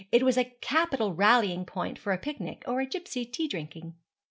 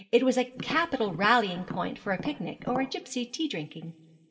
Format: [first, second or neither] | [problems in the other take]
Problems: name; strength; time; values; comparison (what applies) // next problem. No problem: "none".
first | background sound (Tap); 12 dB below the speech // room echo; dies away in 0.3 s